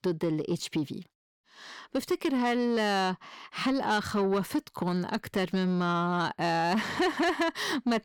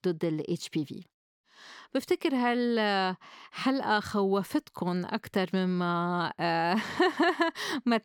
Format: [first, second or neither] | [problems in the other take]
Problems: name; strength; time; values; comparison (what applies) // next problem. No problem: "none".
second | distortion; slight; 10 dB below the speech